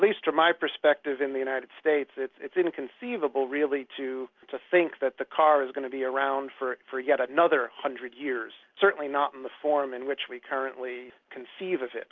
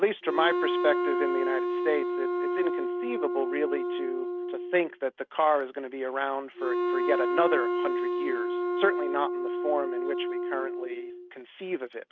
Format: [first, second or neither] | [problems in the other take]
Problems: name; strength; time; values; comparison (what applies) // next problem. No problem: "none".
first | noise reduction (neural mask model RNNoise)